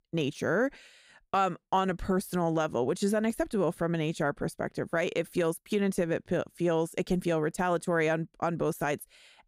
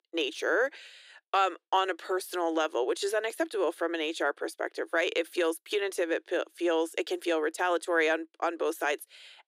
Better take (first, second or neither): first